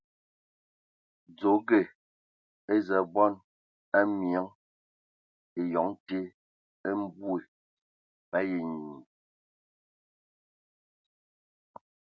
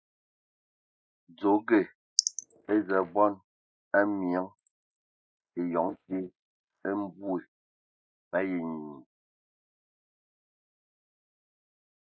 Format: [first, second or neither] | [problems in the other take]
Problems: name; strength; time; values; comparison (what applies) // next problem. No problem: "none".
first | noise reduction (neural mask model Resemble Enhance denoiser)